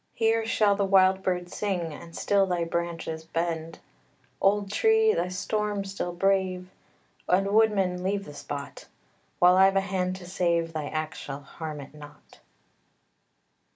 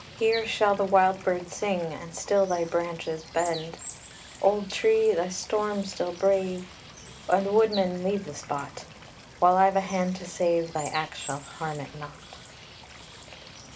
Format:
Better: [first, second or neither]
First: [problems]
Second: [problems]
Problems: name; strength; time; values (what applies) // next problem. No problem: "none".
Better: first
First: none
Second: background sound (Water / Bird); 17 dB below the speech